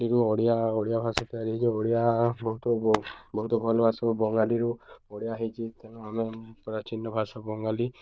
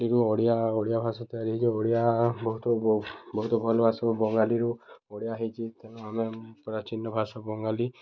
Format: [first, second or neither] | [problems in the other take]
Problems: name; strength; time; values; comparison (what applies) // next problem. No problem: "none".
second | noise reduction (neural diffusion model UNIVERSE++)